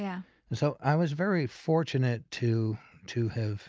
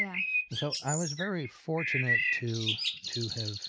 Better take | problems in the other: first | background sound (Bird); 2 dB above the speech

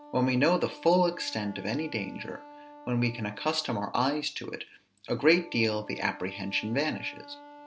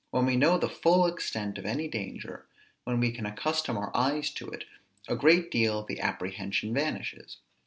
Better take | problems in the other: second | background sound (Wind instrument, woodwind instrument); 19 dB below the speech

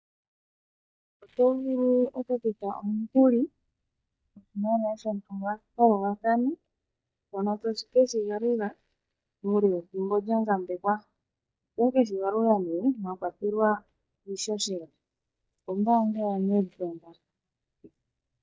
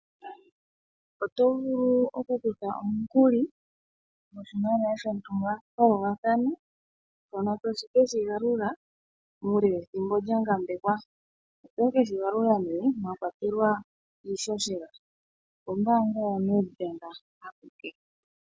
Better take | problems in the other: second | noise reduction (neural mask model DeepFilterNet 3)

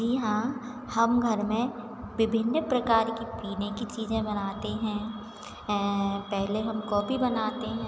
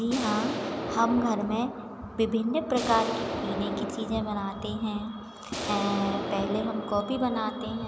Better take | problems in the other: first | background sound (Explosion); 6 dB below the speech

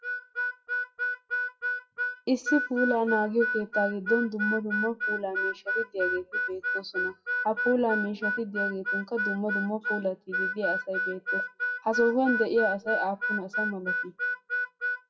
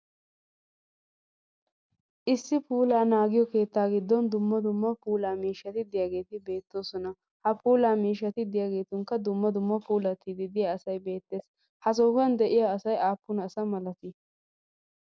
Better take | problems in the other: second | noise reduction (classical method WPE with log-MMSE)

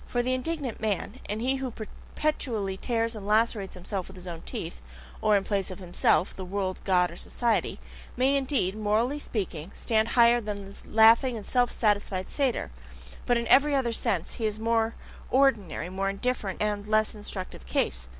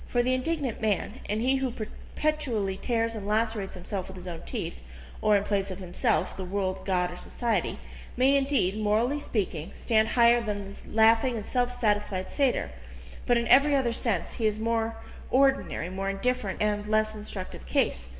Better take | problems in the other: first | room echo; dies away in 1.3 s

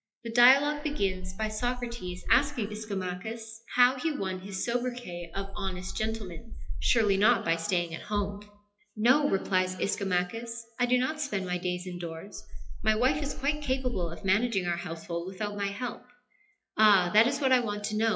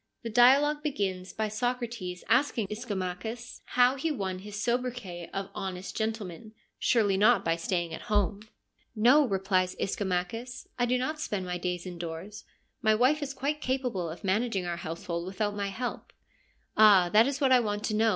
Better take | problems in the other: second | noise reduction (classical method WPE with log-MMSE)

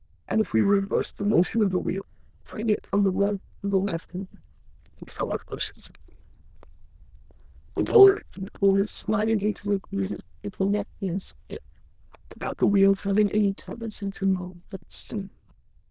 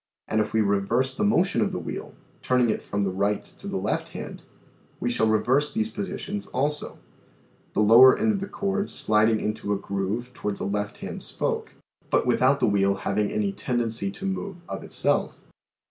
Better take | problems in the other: second | noise reduction (neural diffusion model UNIVERSE++)

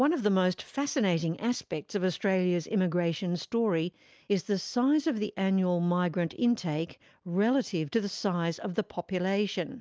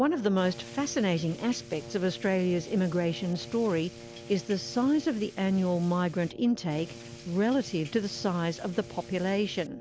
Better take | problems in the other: first | background sound (Drip / Rain + Brass instrument); 16 dB below the speech

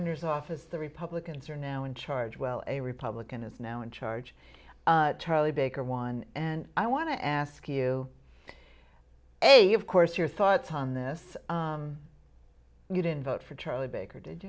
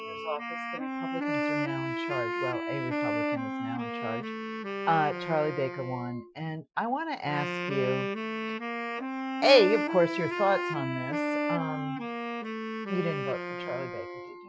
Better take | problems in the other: first | noise reduction (classical method Wiener filter)

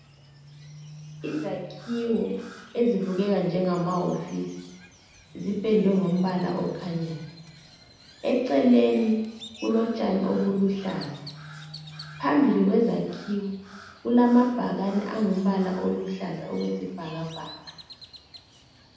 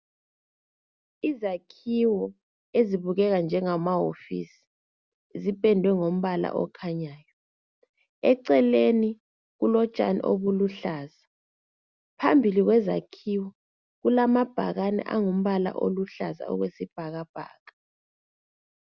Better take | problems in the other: second | background sound (Crow); 20 dB below the speech // room echo; dies away in 1 s

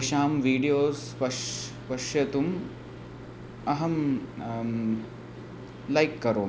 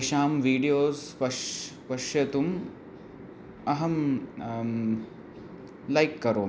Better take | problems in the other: second | background sound (Microwave oven); 15 dB below the speech

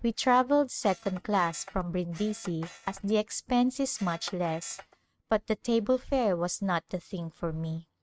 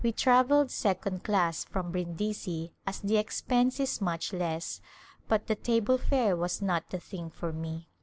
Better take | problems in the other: second | noise reduction (neural mask model RNNoise)

